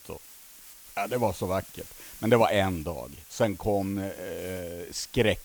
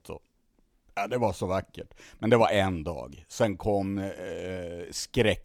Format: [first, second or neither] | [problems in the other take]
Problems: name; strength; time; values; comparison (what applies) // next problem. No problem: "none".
second | hiss; noticeable; throughout; 15 dB below the speech